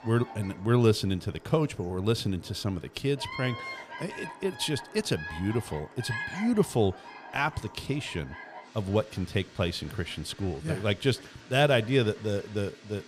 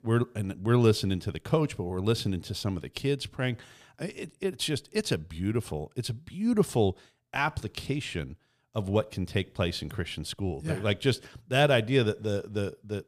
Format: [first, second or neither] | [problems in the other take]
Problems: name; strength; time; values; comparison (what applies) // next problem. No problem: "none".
second | animal sounds; noticeable; throughout; 15 dB below the speech